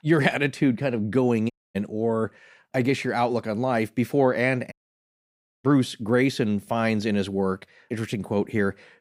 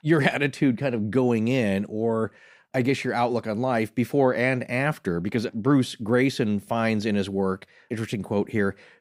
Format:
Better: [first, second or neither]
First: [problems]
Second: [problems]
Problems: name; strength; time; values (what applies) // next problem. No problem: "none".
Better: second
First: audio cutting out; at 1.5 s and at 4.5 s for 1 s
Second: none